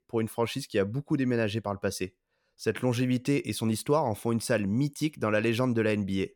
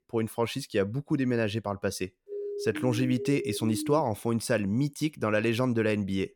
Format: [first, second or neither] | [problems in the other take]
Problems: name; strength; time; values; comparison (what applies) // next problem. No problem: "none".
first | siren; noticeable; from 2.5 to 4 s; peak 6 dB below the speech